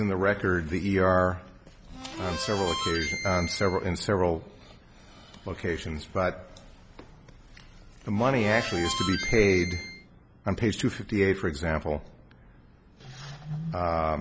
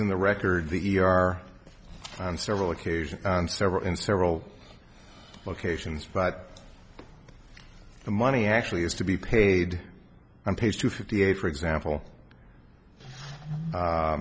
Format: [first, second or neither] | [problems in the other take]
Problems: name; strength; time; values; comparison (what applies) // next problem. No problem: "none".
second | background sound (Harmonica); 7 dB below the speech